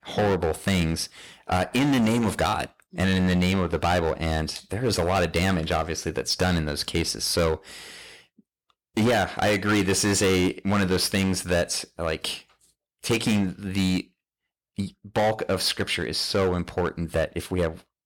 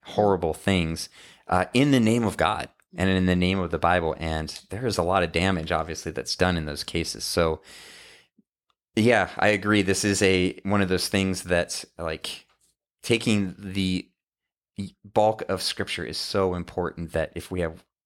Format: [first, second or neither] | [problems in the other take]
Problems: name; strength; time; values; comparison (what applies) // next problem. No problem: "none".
second | distortion; heavy; 11% of the sound clipped